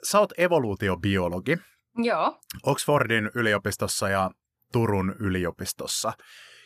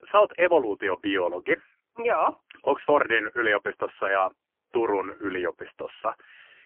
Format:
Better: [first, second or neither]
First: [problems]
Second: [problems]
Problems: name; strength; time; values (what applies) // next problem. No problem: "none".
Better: first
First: none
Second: phone-call audio; poor line; nothing above 3 kHz